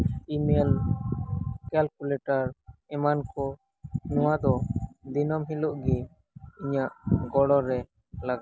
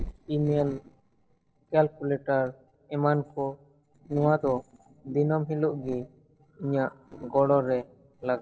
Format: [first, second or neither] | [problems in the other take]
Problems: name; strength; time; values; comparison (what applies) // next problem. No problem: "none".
first | noise reduction (neural separator model SepFormer DNS4)